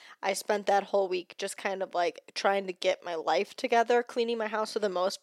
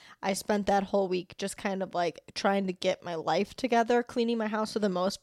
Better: second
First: thin; somewhat; fading below 400 Hz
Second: none

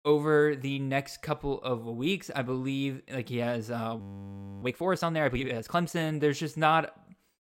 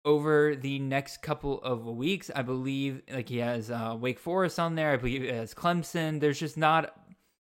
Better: second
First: audio freezing; at 4 s for 0.5 s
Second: none

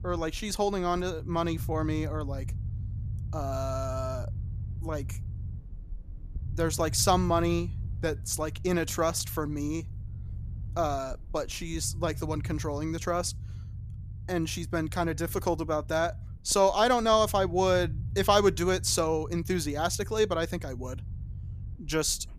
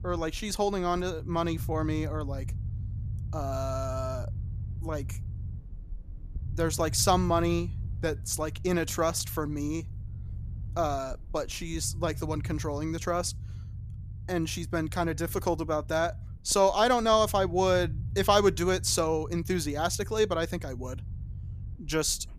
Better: neither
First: low rumble; faint; throughout; 25 dB below the speech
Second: low rumble; faint; throughout; 25 dB below the speech

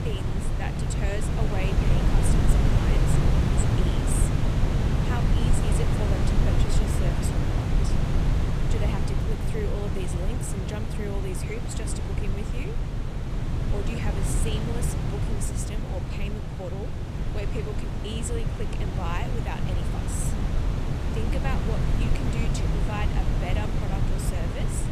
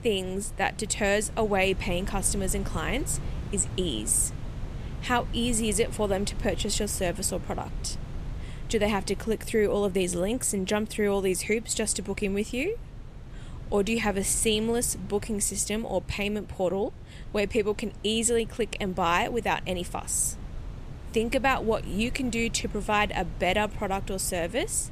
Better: second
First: wind noise on the microphone; heavy; 3 dB above the speech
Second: wind noise on the microphone; occasional gusts; 20 dB below the speech

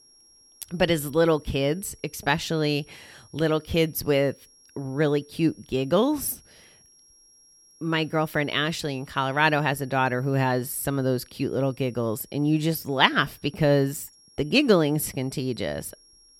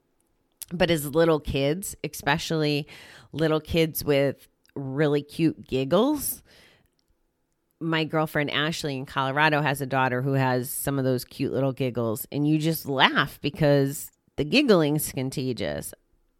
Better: second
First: high-pitched whine; faint; throughout; 5.5 kHz, 30 dB below the speech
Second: none

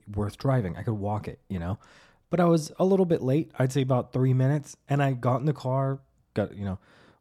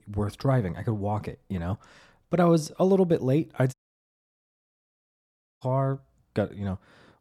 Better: first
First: none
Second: audio cutting out; at 3.5 s for 2 s

